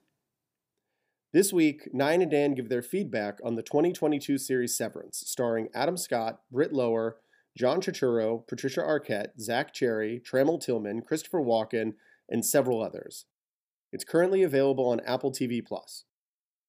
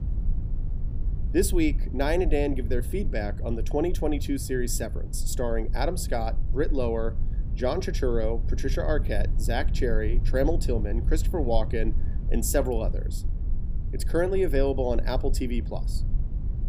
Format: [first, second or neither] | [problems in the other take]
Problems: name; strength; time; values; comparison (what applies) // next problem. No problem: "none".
first | low rumble; noticeable; throughout; 15 dB below the speech